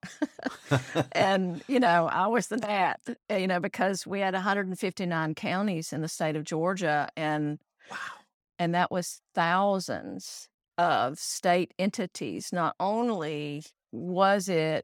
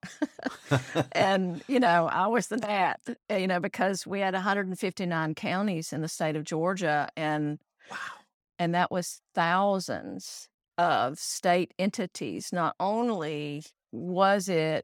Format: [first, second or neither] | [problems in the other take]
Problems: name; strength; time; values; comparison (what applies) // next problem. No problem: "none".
neither | none